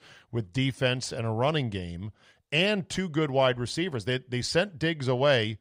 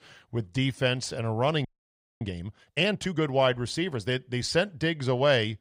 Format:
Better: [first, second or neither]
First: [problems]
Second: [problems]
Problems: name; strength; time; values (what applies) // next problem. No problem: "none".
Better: first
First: none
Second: audio freezing; at 1.5 s for 0.5 s